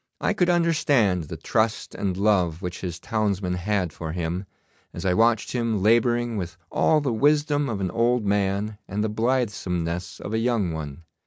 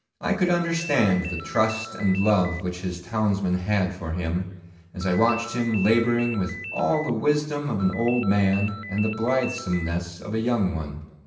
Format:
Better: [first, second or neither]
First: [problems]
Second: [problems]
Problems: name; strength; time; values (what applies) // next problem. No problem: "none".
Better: first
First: none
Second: background sound (Ringtone); 12 dB below the speech // room echo; dies away in 0.9 s